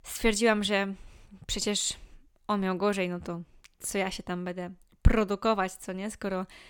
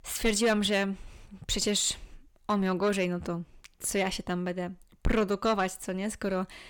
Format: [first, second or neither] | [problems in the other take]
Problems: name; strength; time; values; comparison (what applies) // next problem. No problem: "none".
first | distortion; heavy; 7 dB below the speech